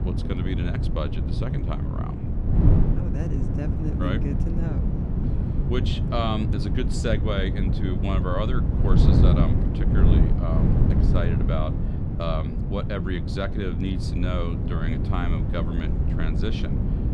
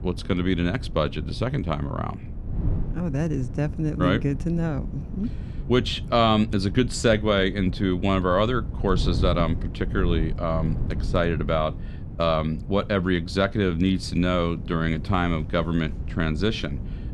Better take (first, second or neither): second